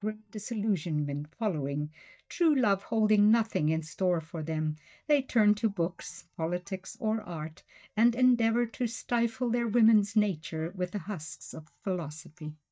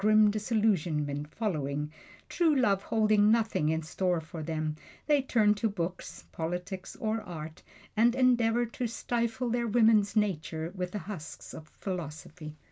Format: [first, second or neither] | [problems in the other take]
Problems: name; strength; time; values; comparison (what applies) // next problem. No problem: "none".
second | noise reduction (neural mask model DeepFilterNet 3)